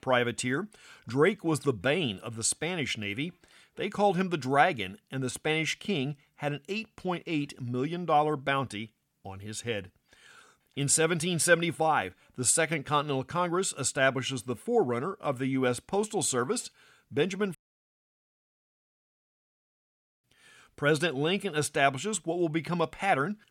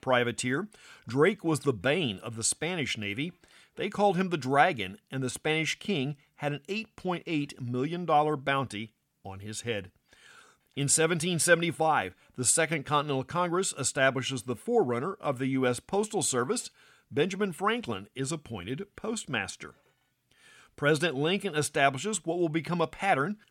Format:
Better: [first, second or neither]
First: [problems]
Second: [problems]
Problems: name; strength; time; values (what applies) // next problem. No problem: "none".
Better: second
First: audio cutting out; at 18 s for 2.5 s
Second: none